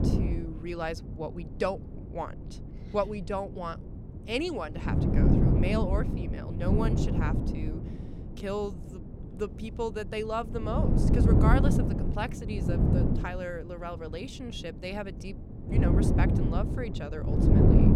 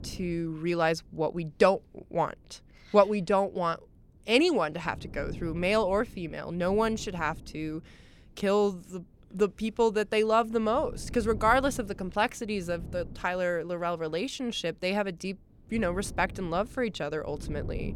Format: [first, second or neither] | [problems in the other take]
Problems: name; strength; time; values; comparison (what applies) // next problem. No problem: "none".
second | wind noise on the microphone; heavy; as loud as the speech; occasional gusts in the second